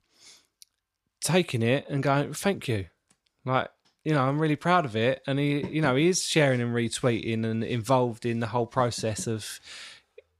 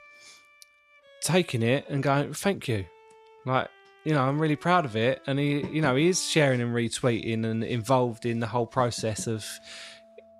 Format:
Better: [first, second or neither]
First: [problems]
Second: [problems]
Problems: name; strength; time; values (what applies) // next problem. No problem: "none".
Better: first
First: none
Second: background music; faint; throughout; 30 dB below the speech